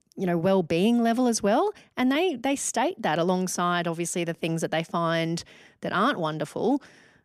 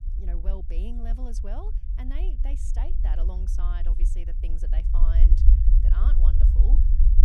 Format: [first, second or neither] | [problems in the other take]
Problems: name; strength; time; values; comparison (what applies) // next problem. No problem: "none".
first | low rumble; loud; throughout; 1 dB below the speech